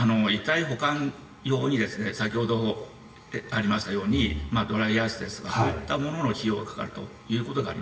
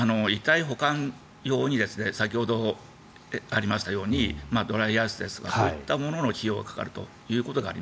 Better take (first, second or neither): second